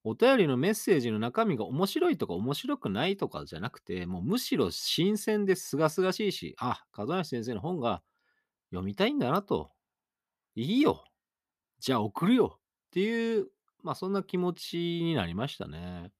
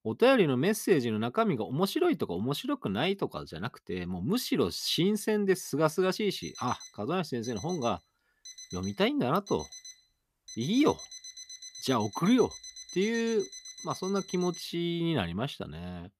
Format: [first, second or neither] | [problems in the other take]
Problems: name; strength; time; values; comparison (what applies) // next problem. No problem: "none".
first | alarm; faint; from 6.5 to 15 s; peak 10 dB below the speech